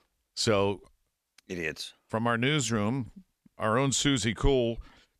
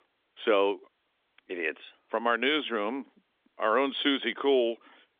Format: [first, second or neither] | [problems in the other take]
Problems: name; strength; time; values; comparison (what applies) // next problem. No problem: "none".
first | phone-call audio; nothing above 3.5 kHz